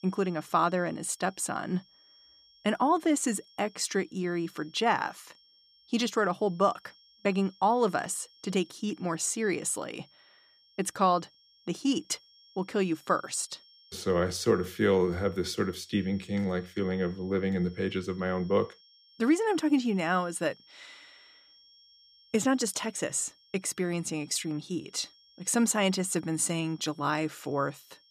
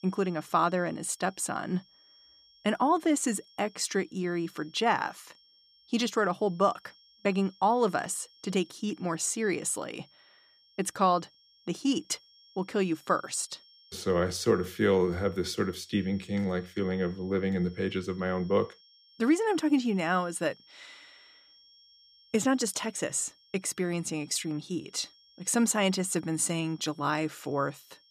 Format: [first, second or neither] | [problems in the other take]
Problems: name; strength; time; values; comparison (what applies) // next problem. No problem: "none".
neither | high-pitched whine; faint; throughout; 5.5 kHz, 30 dB below the speech; the same in both